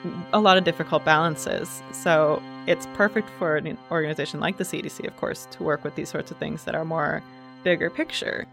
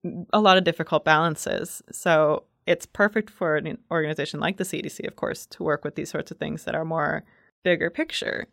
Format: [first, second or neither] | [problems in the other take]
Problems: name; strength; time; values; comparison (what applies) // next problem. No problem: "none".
second | background music; noticeable; throughout; 20 dB below the speech